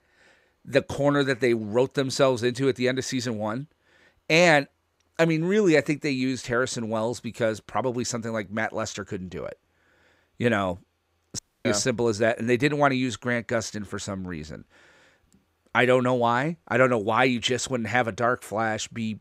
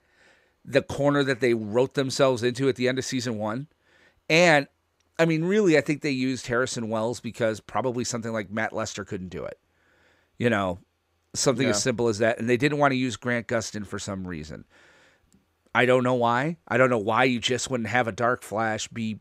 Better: second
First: audio cutting out; at 11 s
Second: none

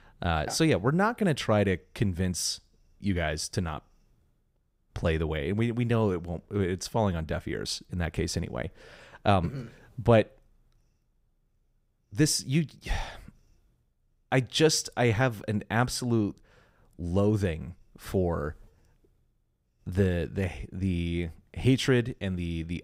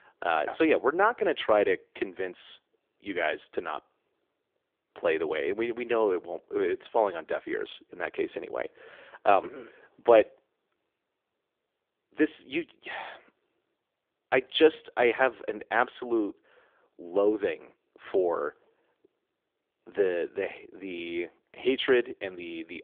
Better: first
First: none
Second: phone-call audio; nothing above 3.5 kHz

